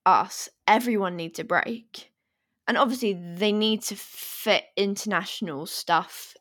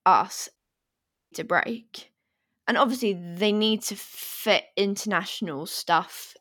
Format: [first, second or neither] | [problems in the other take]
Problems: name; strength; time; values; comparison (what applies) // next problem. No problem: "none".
first | audio cutting out; at 0.5 s for 1 s